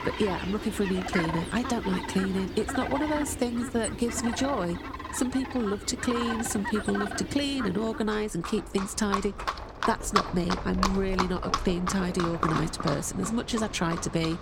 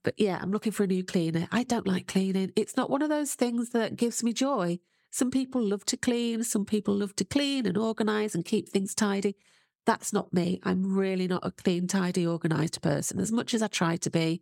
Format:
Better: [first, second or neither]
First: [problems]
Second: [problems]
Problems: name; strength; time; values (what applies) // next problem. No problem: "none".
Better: second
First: animal sounds; loud; throughout; 4 dB below the speech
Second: none